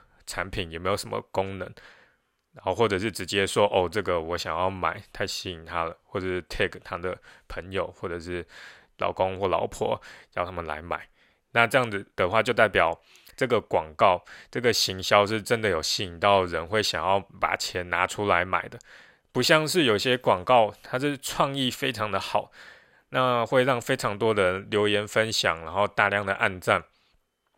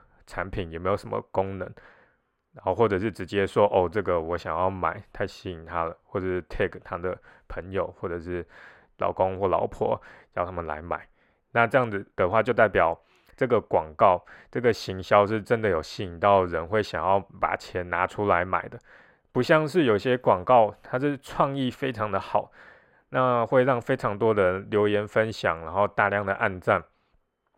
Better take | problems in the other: first | muffled; slightly; fading above 2.5 kHz

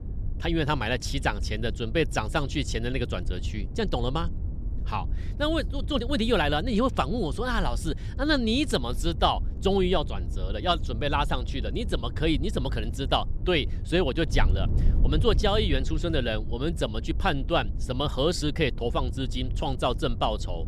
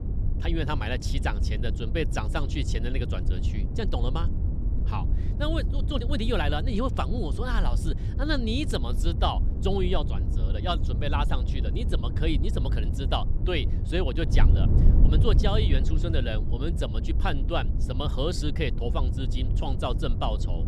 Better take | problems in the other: first | wind noise on the microphone; heavy; 10 dB below the speech; occasional gusts in the first

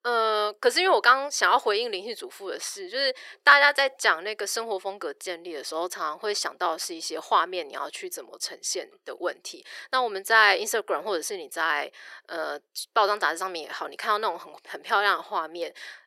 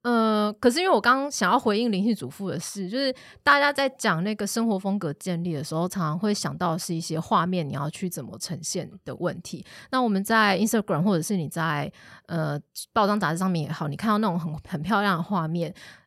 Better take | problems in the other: second | thin; very; fading below 350 Hz

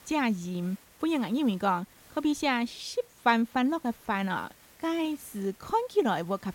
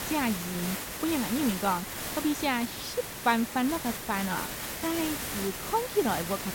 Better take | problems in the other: first | hiss; loud; throughout; 4 dB below the speech; faint in the first

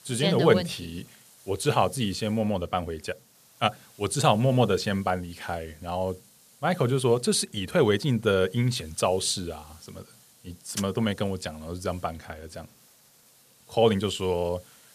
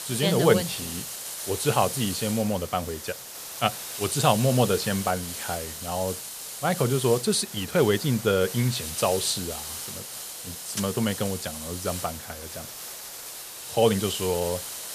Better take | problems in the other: first | hiss; loud; throughout; 7 dB below the speech; faint in the first

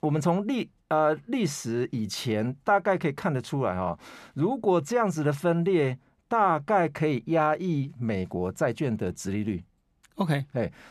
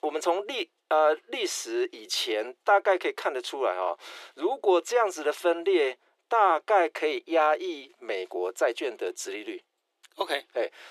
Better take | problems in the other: first | thin; very; fading below 350 Hz

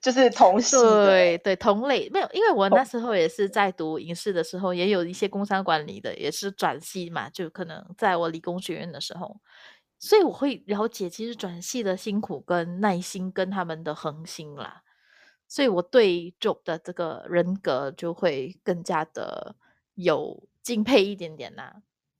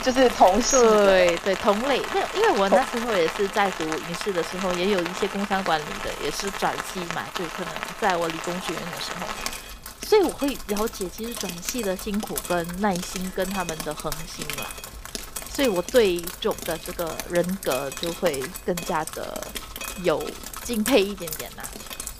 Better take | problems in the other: first | rain or running water; loud; throughout; 8 dB below the speech

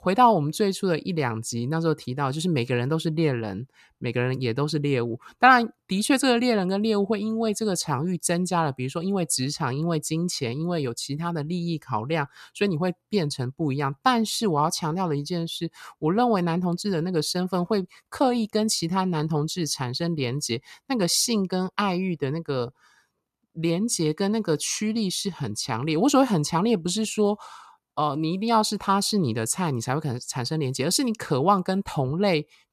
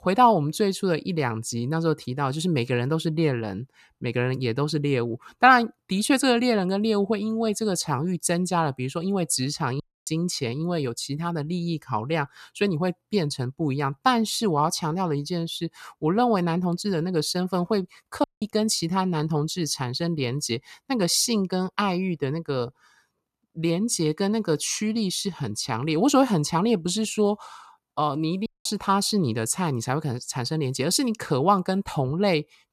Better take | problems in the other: first | audio cutting out; at 10 s, at 18 s and at 28 s

